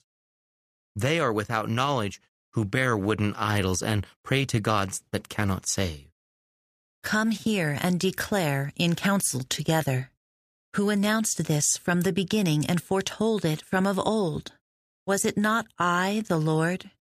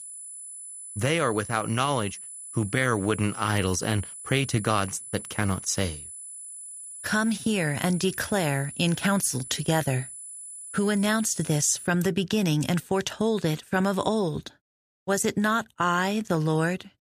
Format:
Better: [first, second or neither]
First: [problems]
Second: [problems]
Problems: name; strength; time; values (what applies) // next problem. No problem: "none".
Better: first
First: none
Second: high-pitched whine; noticeable; until 12 s; 10 kHz, 10 dB below the speech